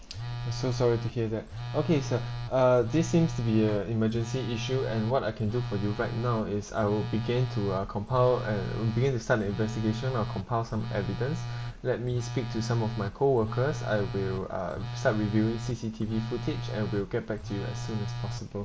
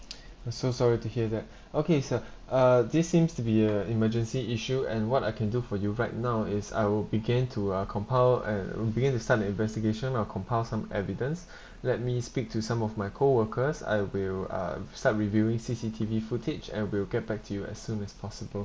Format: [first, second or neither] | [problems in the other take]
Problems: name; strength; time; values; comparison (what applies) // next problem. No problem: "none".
second | background sound (Telephone); 7 dB below the speech